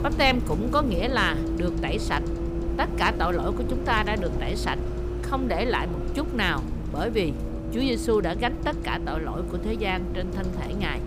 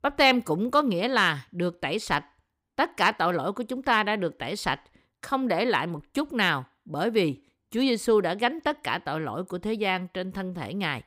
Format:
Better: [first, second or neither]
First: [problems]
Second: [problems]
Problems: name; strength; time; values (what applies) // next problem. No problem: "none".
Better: second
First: traffic noise; loud; throughout; 3 dB below the speech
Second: none